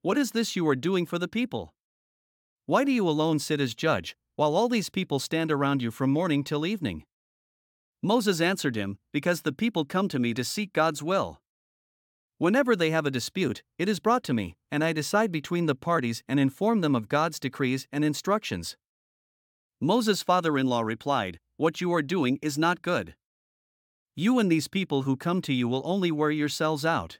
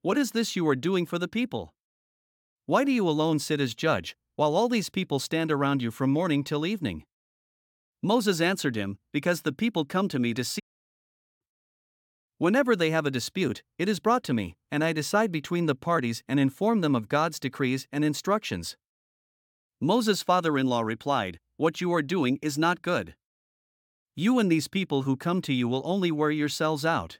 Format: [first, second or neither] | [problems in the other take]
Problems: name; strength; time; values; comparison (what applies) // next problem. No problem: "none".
first | audio cutting out; at 11 s for 1 s